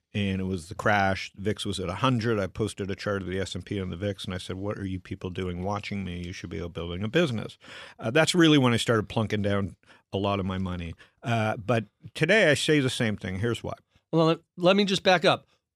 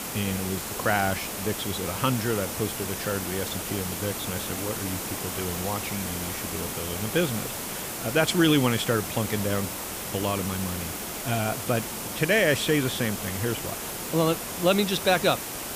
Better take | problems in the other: first | hiss; loud; throughout; 4 dB below the speech

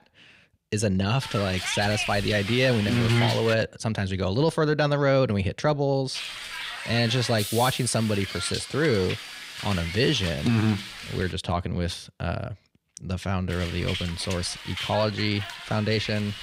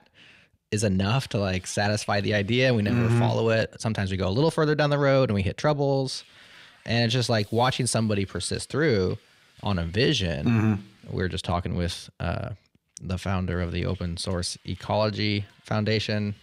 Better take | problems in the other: second | hiss; loud; from 1 to 3.5 s, from 6 to 11 s and from 13 s on; 7 dB below the speech; faint in the second

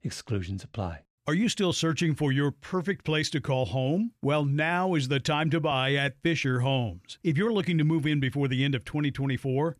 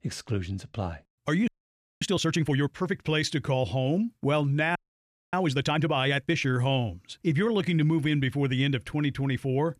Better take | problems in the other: first | audio freezing; at 1.5 s for 0.5 s and at 5 s for 0.5 s

